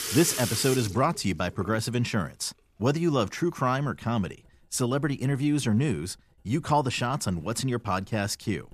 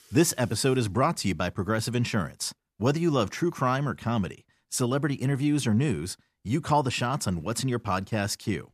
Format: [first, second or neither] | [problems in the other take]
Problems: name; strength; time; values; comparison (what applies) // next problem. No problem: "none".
second | household noises; loud; throughout; 6 dB below the speech; faint in the second